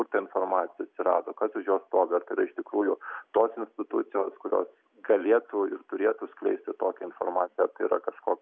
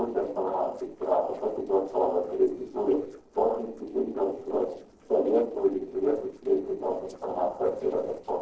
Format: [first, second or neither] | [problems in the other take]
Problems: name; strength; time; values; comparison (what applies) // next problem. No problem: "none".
first | noise reduction (neural separator model SepFormer DNS4)